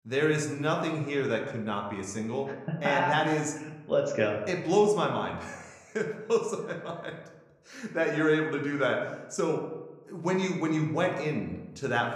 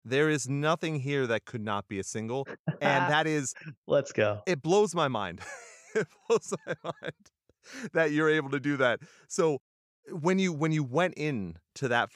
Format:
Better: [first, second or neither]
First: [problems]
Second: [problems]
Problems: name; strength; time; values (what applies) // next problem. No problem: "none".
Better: second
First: room echo; slight; dies away in 0.8 s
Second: none